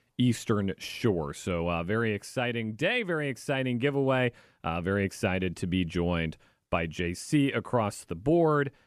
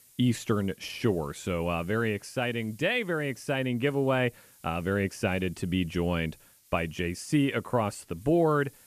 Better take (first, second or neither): first